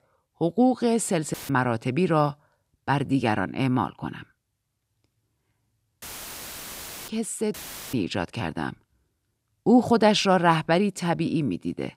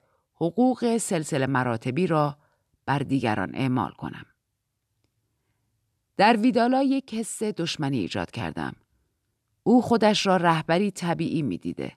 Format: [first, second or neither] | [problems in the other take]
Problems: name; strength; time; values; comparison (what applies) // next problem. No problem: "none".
second | audio cutting out; filled with static; at 1.5 s, at 6 s for 1 s and at 7.5 s